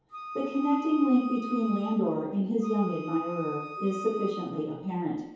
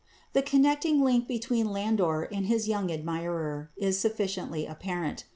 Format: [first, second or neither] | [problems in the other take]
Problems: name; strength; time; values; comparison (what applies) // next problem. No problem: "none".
second | background sound (Wind instrument, woodwind instrument); 11 dB below the speech // room echo; dies away in 2.2 s